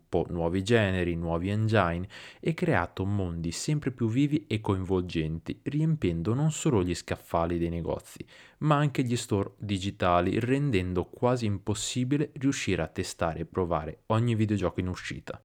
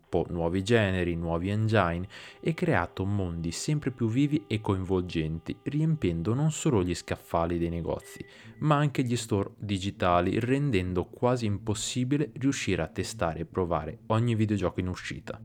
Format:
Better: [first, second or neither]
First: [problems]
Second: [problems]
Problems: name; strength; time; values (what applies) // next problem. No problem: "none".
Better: first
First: none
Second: alarms or sirens; faint; throughout; 25 dB below the speech